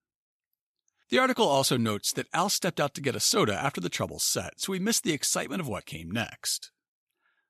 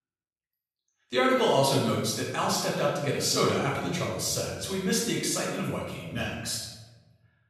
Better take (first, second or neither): first